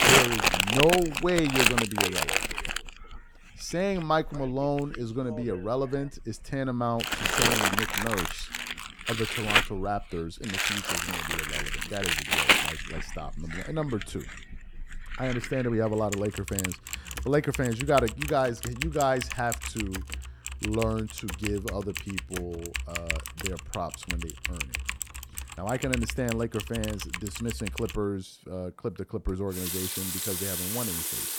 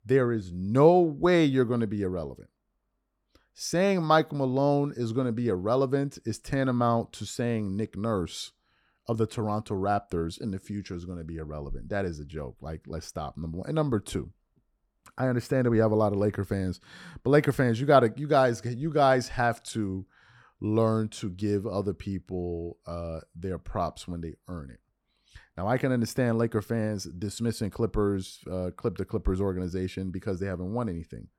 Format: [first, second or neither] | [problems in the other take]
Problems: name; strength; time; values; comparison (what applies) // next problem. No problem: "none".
second | household noises; very loud; throughout; 2 dB above the speech